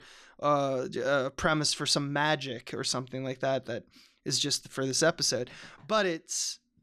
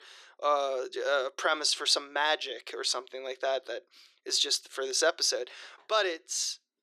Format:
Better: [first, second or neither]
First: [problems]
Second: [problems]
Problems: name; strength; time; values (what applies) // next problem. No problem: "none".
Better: first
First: none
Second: thin; very; fading below 400 Hz